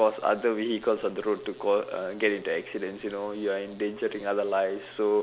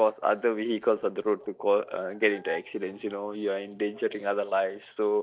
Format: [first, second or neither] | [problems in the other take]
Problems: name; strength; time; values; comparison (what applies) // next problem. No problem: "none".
first | noise reduction (neural mask model DeepFilterNet 3)